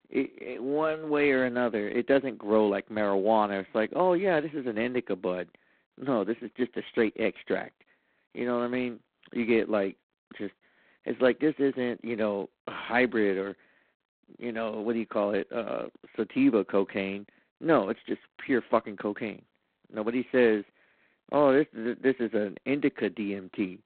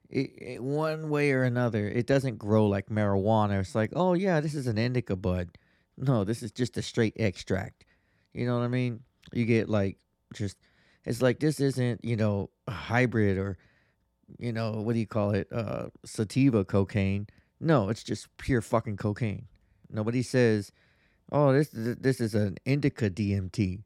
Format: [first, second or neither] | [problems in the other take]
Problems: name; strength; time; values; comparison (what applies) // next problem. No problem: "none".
second | phone-call audio; poor line; nothing above 4 kHz